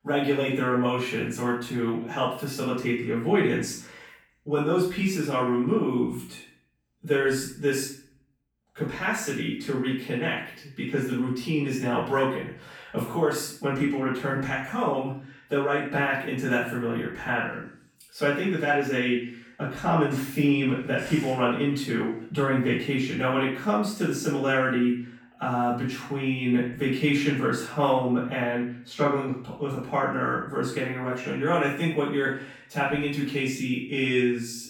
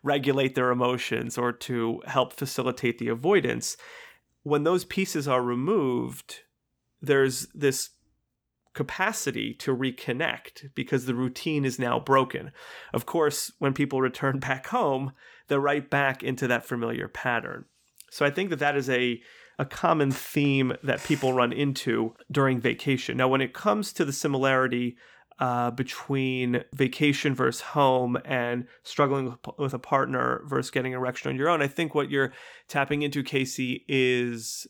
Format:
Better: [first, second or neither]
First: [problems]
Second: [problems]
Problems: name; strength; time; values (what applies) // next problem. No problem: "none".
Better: second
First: off-mic speech; far // room echo; noticeable; dies away in 0.5 s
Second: none